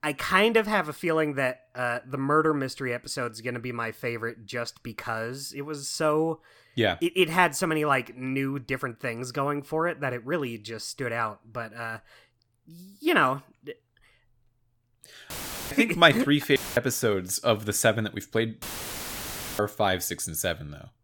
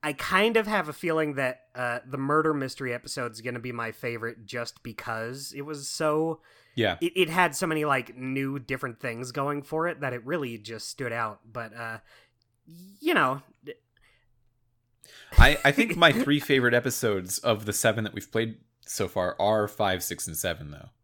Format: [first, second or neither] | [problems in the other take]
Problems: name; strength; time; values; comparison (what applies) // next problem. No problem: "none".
second | audio cutting out; filled with static; at 15 s, at 17 s and at 19 s for 1 s